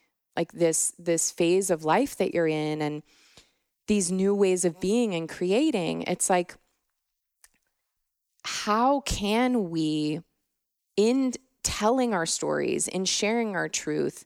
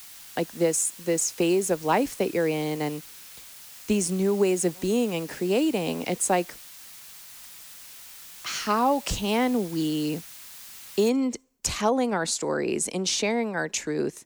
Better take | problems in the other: first | hiss; noticeable; until 11 s; 15 dB below the speech

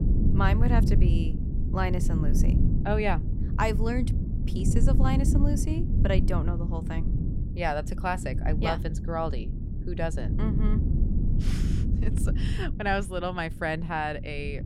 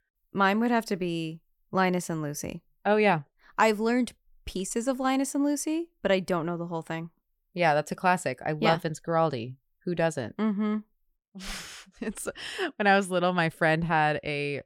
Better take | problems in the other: second | low rumble; loud; throughout; 8 dB below the speech

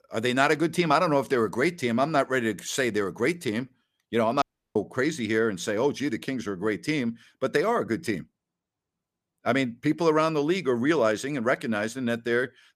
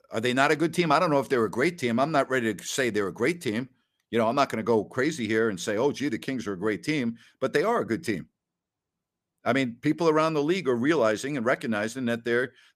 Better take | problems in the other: second | audio cutting out; at 4.5 s

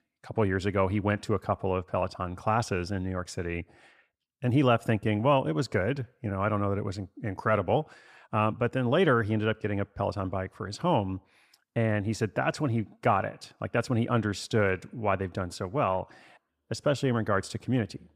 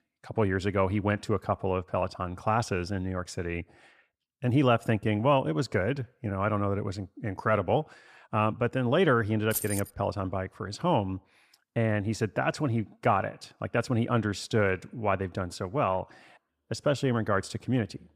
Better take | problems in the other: first | jangling keys; noticeable; at 9.5 s; peak 3 dB below the speech

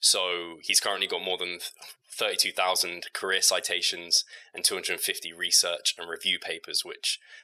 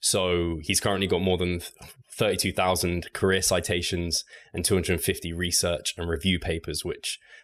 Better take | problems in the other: second | thin; very; fading below 650 Hz

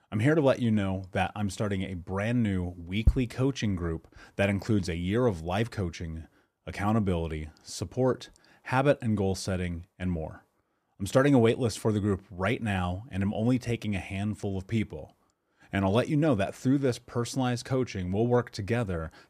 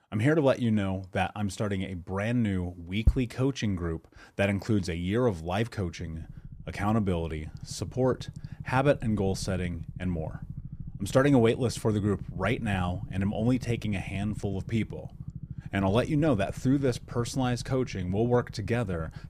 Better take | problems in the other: first | low rumble; faint; from 6 s on; 20 dB below the speech

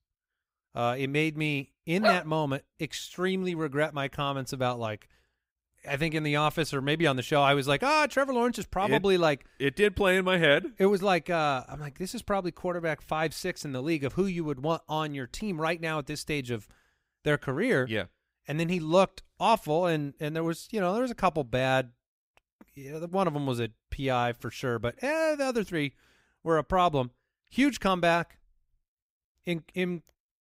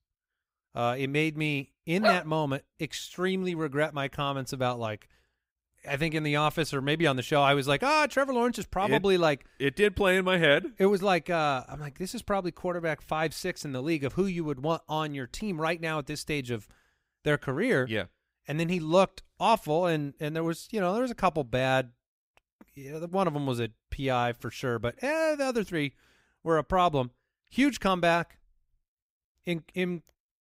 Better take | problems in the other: neither | dog barking; loud; at 2 s; peak 1 dB above the speech; the same in both

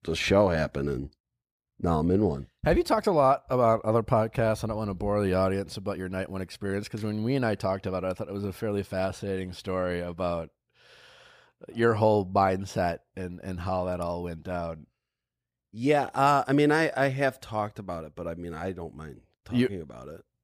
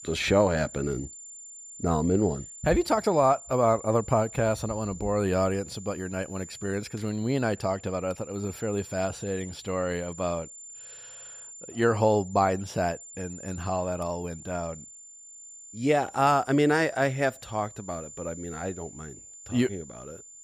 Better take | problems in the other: first | high-pitched whine; noticeable; throughout; 7 kHz, 15 dB below the speech

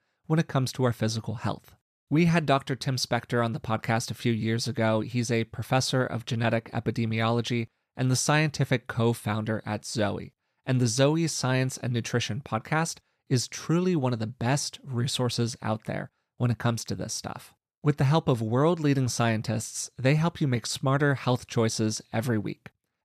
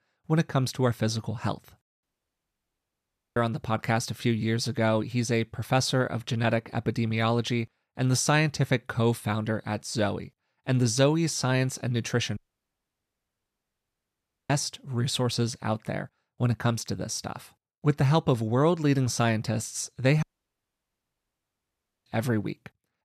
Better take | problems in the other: first | audio cutting out; at 2 s for 1.5 s, at 12 s for 2 s and at 20 s for 2 s

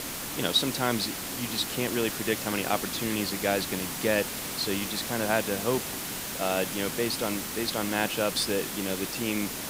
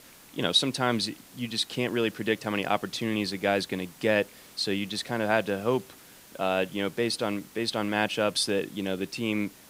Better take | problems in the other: second | hiss; loud; throughout; 3 dB below the speech; faint in the second

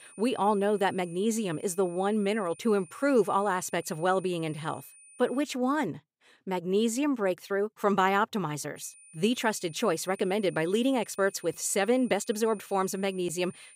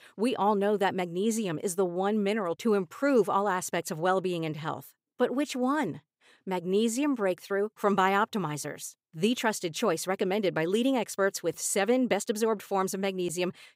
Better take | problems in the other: second | high-pitched whine; faint; until 5.5 s and from 9 s on; 9 kHz, 20 dB below the speech

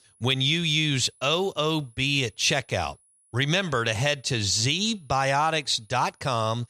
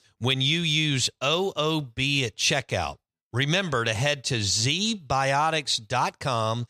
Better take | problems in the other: second | high-pitched whine; faint; throughout; 10.5 kHz, 35 dB below the speech

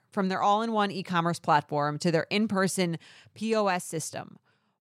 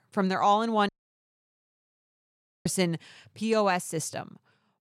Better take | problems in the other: first | audio cutting out; at 1 s for 2 s

